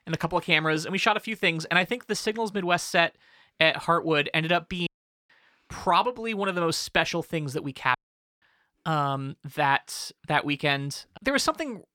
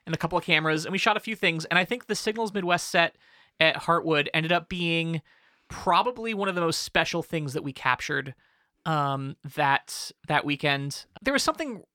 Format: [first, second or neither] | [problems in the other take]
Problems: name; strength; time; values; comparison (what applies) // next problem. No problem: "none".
second | audio cutting out; at 5 s and at 8 s